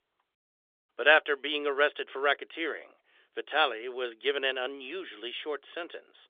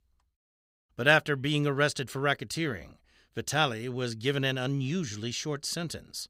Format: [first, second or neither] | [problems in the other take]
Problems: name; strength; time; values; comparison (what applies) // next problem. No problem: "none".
second | phone-call audio; nothing above 3.5 kHz